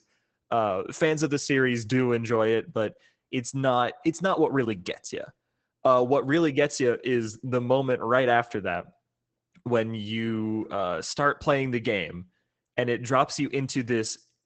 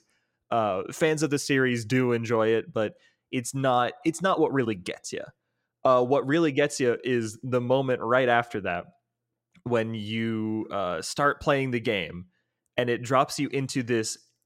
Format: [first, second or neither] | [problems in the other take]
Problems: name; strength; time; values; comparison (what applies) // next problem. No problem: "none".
second | garbled, watery; badly; nothing above 8 kHz